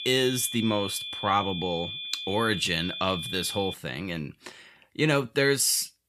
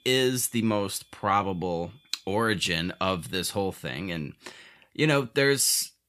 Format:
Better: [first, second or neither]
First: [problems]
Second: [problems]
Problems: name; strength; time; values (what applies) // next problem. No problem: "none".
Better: second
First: high-pitched whine; loud; until 3.5 s; 3.5 kHz, 7 dB below the speech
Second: high-pitched whine; faint; until 3.5 s; 3.5 kHz, 35 dB below the speech